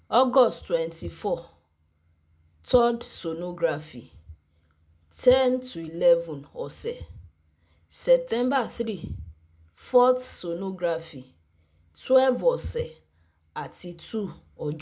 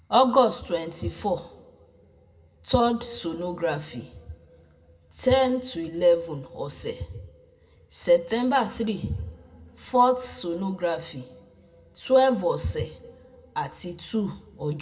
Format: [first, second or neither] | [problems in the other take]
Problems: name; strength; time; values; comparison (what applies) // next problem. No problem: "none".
first | room echo; dies away in 1.8 s